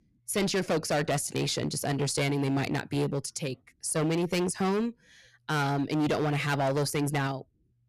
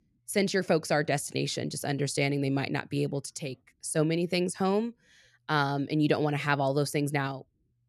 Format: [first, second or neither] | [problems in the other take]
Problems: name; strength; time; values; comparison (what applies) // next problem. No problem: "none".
second | distortion; heavy; 14% of the sound clipped